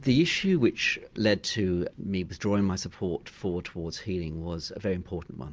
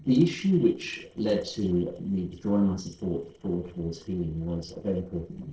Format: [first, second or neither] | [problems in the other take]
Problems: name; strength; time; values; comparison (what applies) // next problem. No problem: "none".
first | noise reduction (neural separator model SepFormer DNS4)